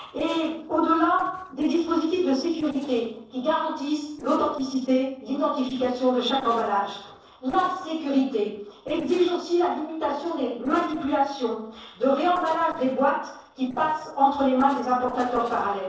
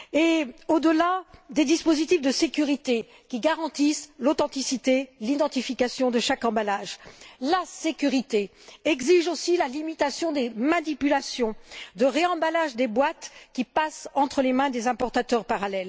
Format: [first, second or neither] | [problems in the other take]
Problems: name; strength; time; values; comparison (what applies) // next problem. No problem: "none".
second | noise reduction (neural separator model SepFormer DNS4)